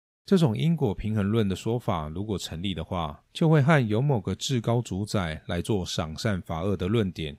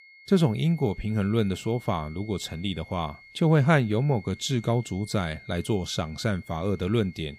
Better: first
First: none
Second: high-pitched whine; faint; throughout; 2 kHz, 20 dB below the speech

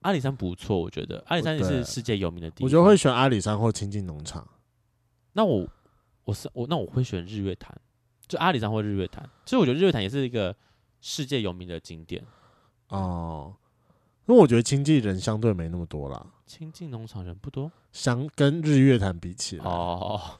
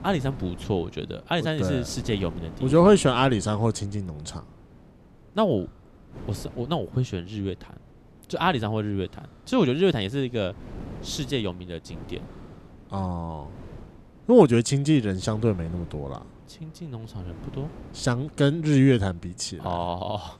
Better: first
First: none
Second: wind noise on the microphone; occasional gusts; 25 dB below the speech

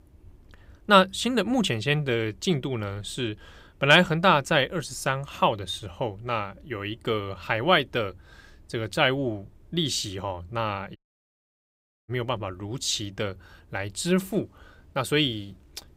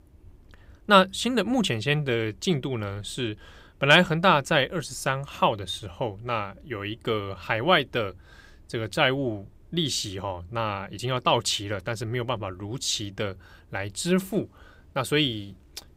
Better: second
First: audio cutting out; at 11 s for 1 s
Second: none

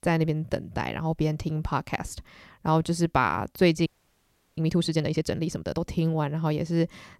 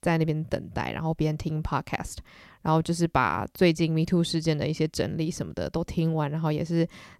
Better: second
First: audio freezing; at 4 s for 0.5 s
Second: none

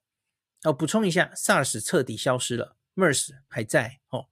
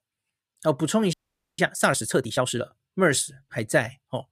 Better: first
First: none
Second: audio freezing; at 1 s

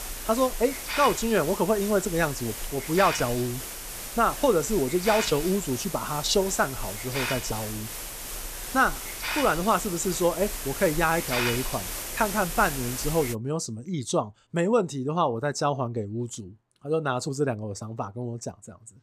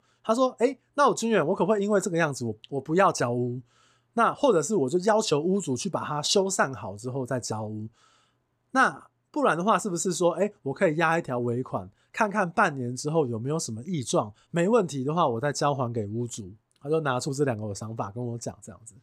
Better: second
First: hiss; loud; until 13 s; 6 dB below the speech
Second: none

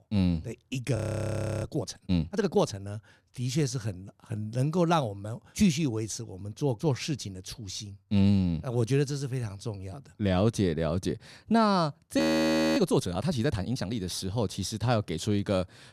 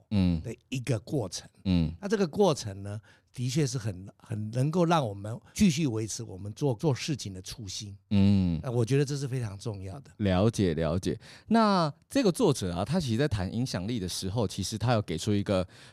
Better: second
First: audio freezing; at 1 s for 0.5 s and at 12 s for 0.5 s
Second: none

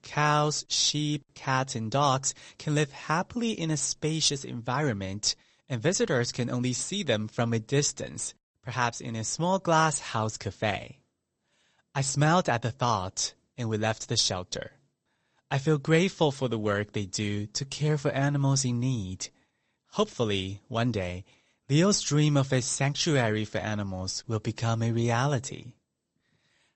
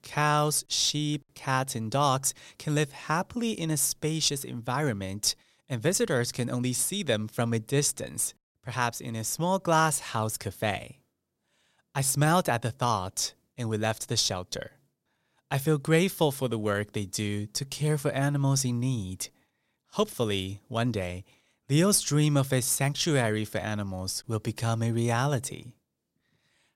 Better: second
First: garbled, watery; slightly; nothing above 8.5 kHz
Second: none

